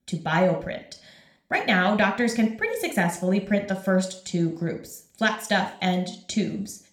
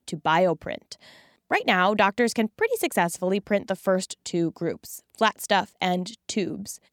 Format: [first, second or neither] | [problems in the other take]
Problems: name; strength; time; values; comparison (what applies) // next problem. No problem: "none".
second | room echo; very slight; dies away in 0.4 s